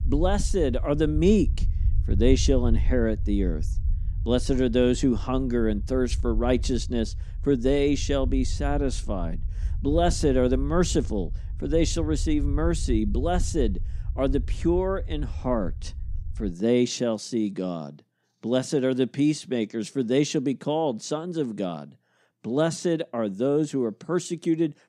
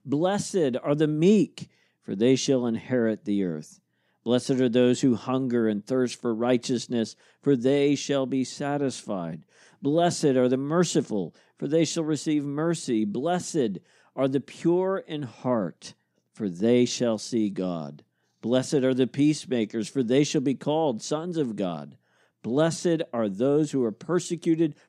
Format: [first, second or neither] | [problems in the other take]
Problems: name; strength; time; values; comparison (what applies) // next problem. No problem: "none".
second | low rumble; faint; until 17 s; 20 dB below the speech